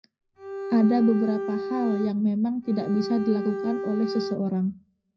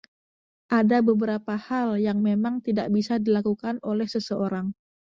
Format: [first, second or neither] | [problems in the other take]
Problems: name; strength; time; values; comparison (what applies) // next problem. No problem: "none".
second | background sound (Bowed string instrument); 7 dB below the speech // room echo; dies away in 0.4 s